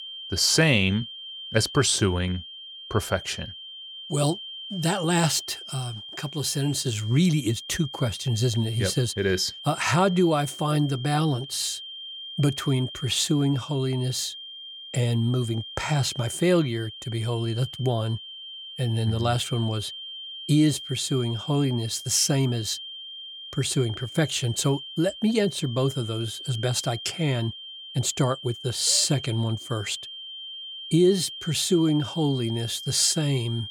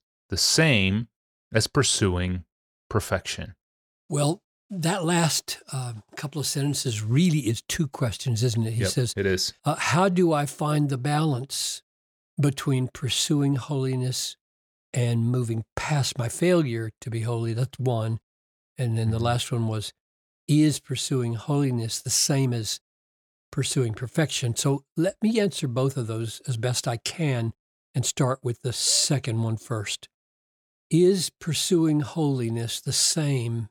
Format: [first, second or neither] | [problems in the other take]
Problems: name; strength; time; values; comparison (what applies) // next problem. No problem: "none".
second | high-pitched whine; noticeable; throughout; 3 kHz, 10 dB below the speech